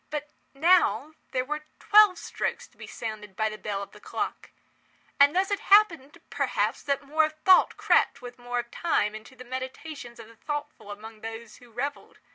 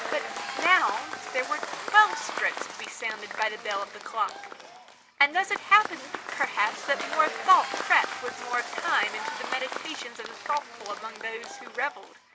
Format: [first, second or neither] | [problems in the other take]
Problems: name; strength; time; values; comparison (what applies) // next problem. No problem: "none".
first | background sound (Applause / Crowd / Cheering); 8 dB below the speech